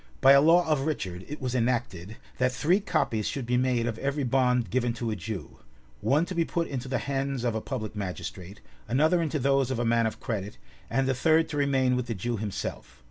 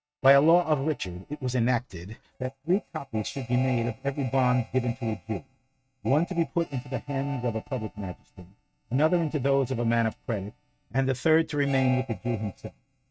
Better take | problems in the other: first | noise reduction (neural mask model RNNoise)

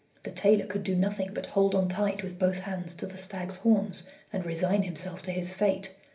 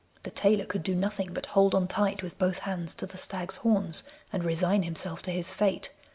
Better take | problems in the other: second | room echo; dies away in 0.3 s

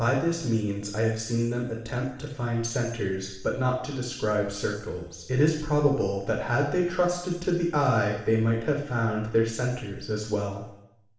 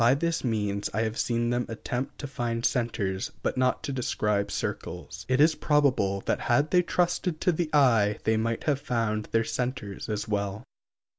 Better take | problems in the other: second | room echo; dies away in 0.8 s

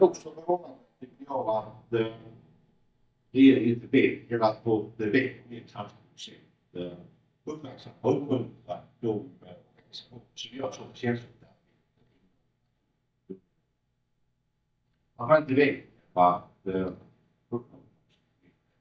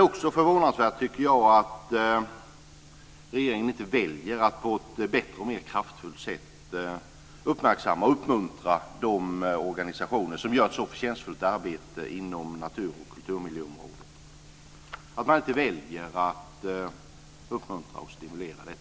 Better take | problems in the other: second | noise reduction (neural mask model DeepFilterNet 3)

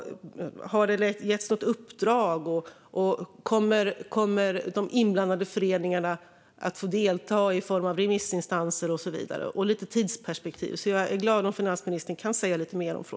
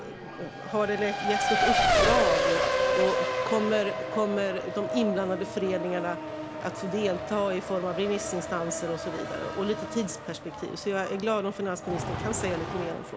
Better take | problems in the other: first | background sound (Race car, auto racing); as loud as the speech

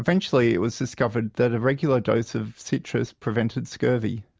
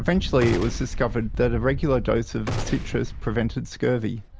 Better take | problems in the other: first | background sound (Wind + Gunshot, gunfire); 6 dB below the speech

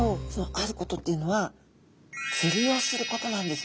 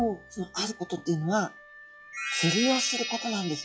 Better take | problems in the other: first | noise reduction (classical method log-MMSE)

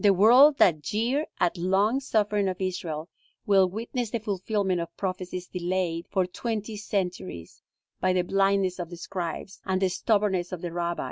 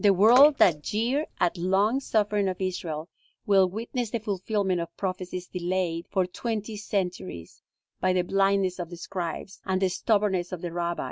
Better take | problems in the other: first | background sound (Bathtub (filling or washing) / Water / Splash, splatter); 15 dB below the speech

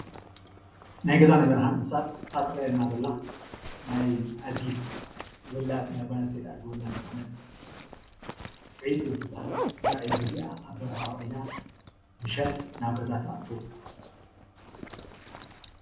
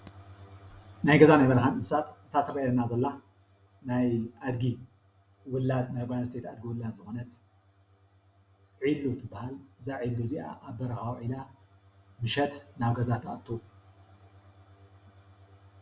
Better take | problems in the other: second | background sound (Zipper (clothing)); 10 dB below the speech // room echo; dies away in 0.6 s

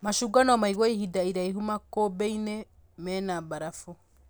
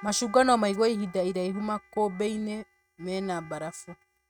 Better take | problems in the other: first | noise reduction (neural mask model RNNoise)

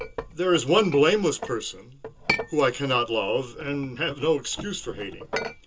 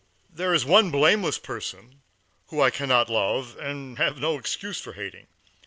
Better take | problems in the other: second | background sound (Chink, clink); 10 dB below the speech // room echo; dies away in 0.2 s

